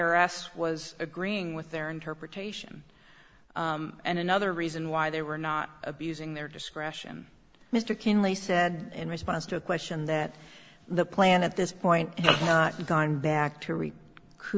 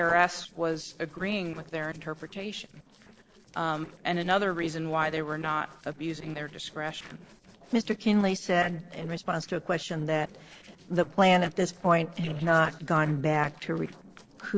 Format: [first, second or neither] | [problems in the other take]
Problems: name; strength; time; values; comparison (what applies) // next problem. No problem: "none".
first | noise reduction (neural separator model SepFormer DNS4)